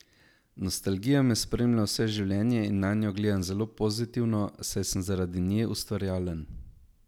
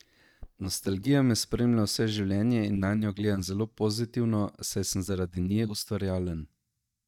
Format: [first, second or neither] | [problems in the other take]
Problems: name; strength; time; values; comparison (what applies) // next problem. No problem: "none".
first | noise reduction (neural mask model DeepFilterNet 3)